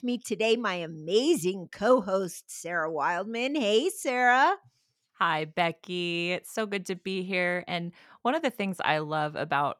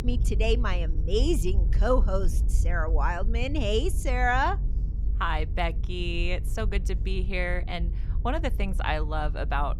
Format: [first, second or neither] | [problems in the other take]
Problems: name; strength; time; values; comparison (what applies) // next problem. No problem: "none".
first | low rumble; noticeable; throughout; 20 dB below the speech